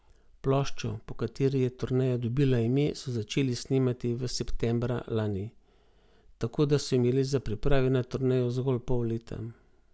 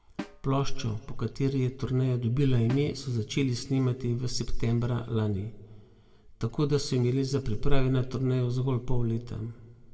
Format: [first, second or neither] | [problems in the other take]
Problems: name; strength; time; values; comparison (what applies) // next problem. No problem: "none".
first | background sound (Snare drum); 19 dB below the speech // room echo; dies away in 1 s